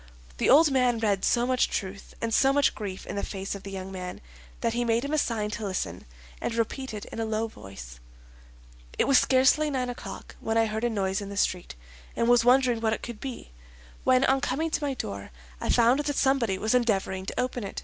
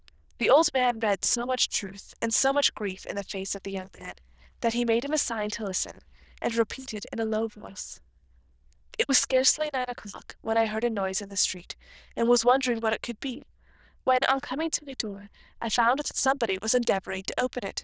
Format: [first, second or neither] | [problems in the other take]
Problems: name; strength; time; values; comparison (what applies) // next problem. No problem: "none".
first | noise reduction (neural diffusion model UNIVERSE++)